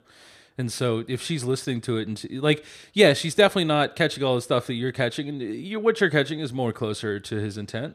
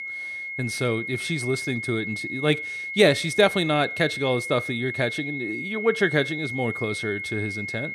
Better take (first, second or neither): first